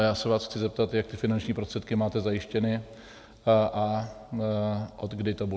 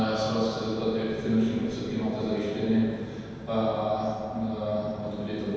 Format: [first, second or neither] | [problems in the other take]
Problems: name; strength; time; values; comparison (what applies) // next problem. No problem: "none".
first | background sound (Train); 15 dB below the speech // room echo; dies away in 2 s